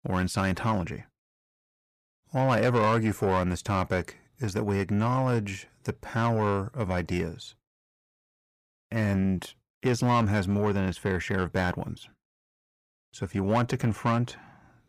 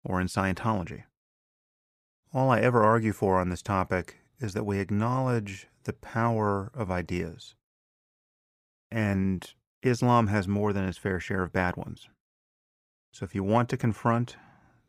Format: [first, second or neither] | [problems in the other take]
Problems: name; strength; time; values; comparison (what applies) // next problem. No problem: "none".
second | distortion; slight; 10 dB below the speech